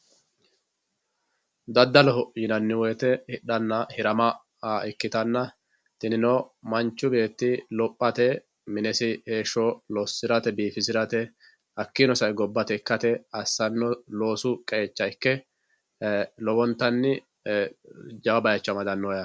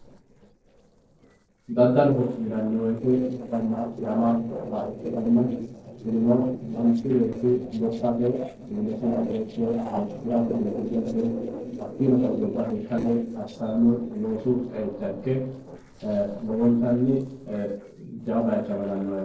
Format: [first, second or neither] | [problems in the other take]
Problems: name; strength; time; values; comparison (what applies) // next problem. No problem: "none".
first | noise reduction (neural separator model SepFormer DNS4)